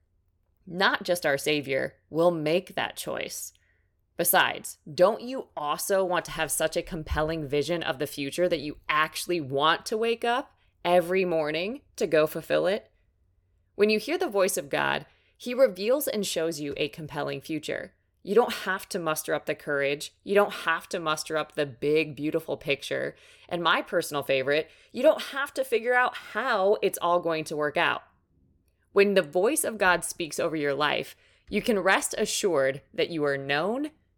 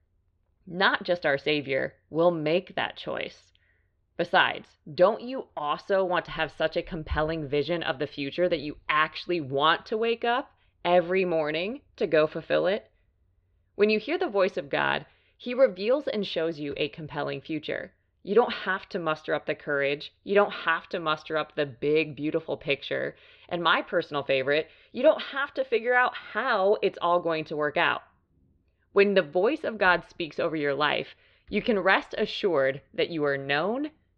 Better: first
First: none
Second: muffled; very slightly; fading above 4 kHz

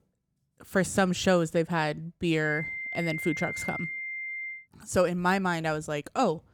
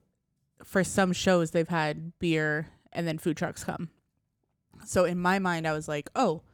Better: second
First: high-pitched whine; loud; from 2.5 to 4.5 s; 2 kHz, 6 dB below the speech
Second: none

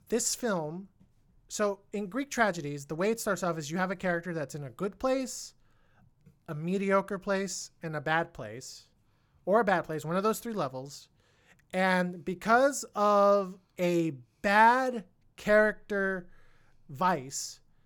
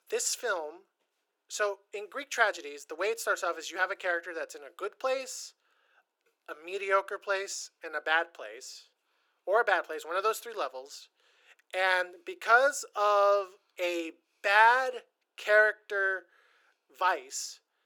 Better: first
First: none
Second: thin; very; fading below 350 Hz

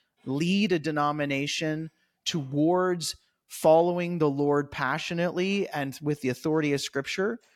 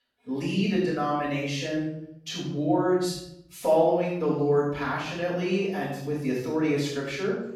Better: first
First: none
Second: off-mic speech; far // room echo; noticeable; dies away in 0.7 s

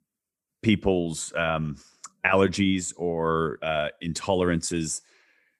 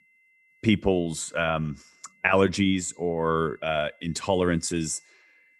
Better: first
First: none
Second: high-pitched whine; faint; throughout; 2 kHz, 35 dB below the speech

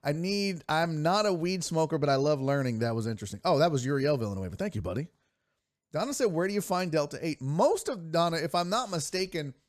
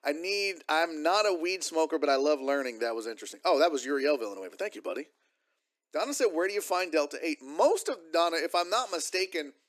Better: first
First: none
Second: thin; somewhat; fading below 300 Hz

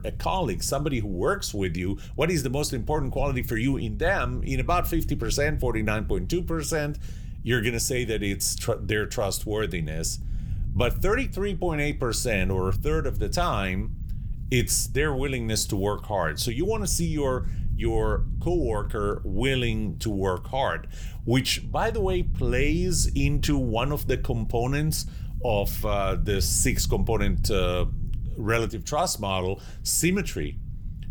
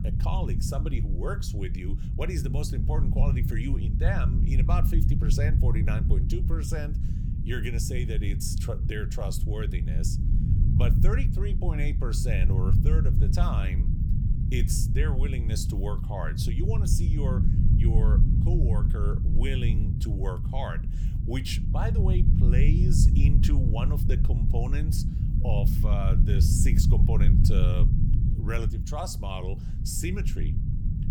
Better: first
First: low rumble; faint; throughout; 20 dB below the speech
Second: low rumble; loud; throughout; 3 dB below the speech

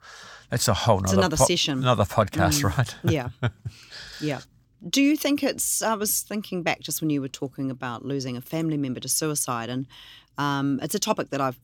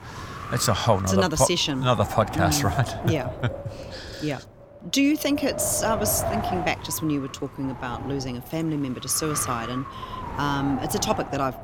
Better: first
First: none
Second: wind noise on the microphone; heavy; 7 dB below the speech

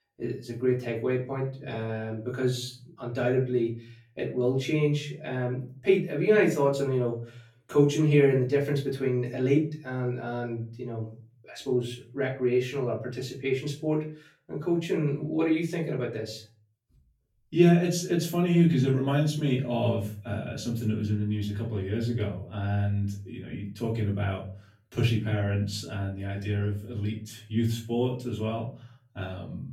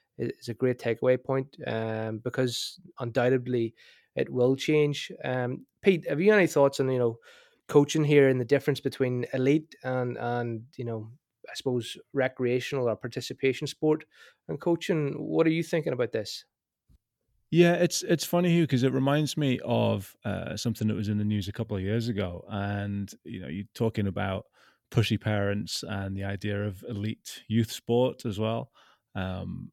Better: second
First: room echo; slight; dies away in 0.4 s // off-mic speech; far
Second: none

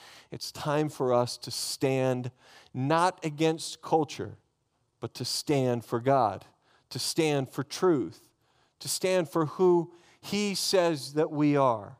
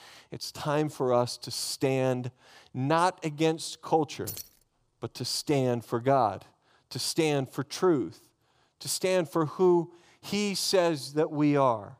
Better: first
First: none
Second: jangling keys; faint; at 4.5 s; peak 10 dB below the speech

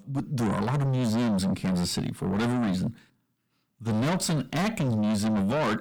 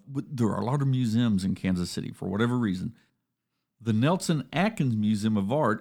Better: second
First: distortion; heavy; 6 dB below the speech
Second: none

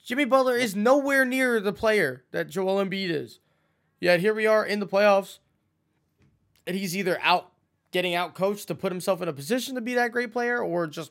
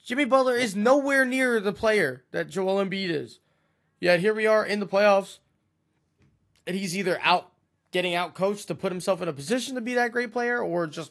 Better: first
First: none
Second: garbled, watery; slightly; nothing above 11.5 kHz

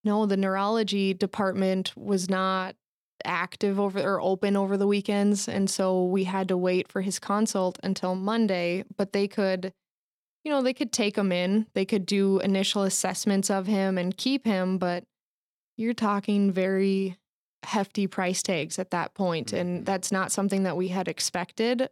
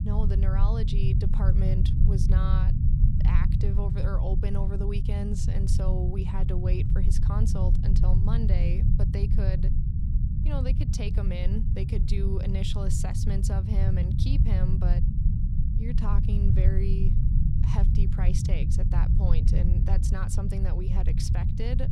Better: first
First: none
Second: low rumble; loud; throughout; 1 dB below the speech

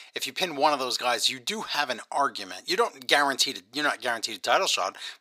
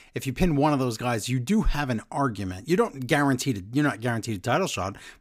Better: second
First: thin; very; fading below 700 Hz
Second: none

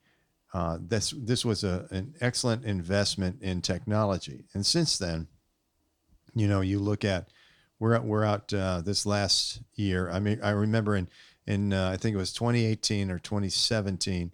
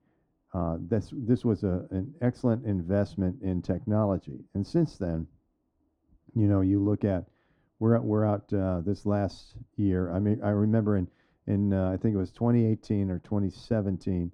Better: first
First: none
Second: muffled; very; fading above 2 kHz

